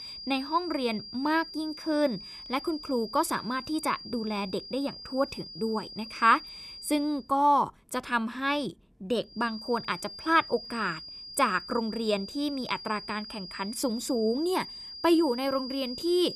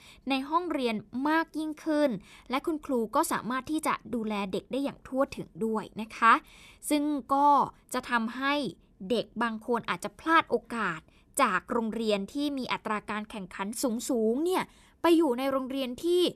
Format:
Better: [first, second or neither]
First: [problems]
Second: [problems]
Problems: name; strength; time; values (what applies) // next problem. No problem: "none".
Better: second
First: high-pitched whine; noticeable; until 7 s and from 9.5 s on; 5 kHz, 10 dB below the speech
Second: none